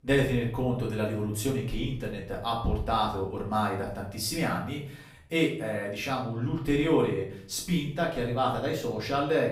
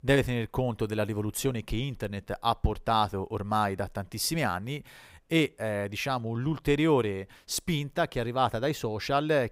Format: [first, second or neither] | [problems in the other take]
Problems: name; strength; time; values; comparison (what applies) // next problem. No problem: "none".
second | off-mic speech; far // room echo; slight; dies away in 0.5 s